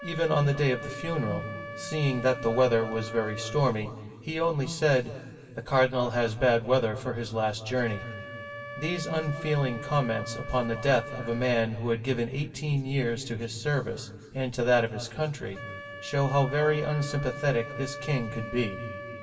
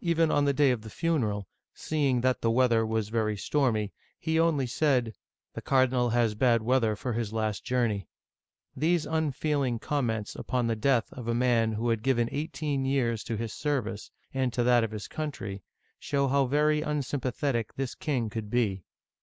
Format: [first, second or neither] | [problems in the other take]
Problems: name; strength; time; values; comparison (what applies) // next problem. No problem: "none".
second | background sound (Wind instrument, woodwind instrument); 14 dB below the speech // room echo; dies away in 2.6 s